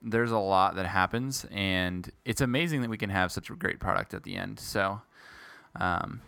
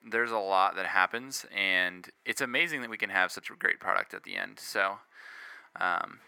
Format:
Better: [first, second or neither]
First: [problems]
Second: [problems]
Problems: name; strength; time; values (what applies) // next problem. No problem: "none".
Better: first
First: none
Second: thin; somewhat; fading below 400 Hz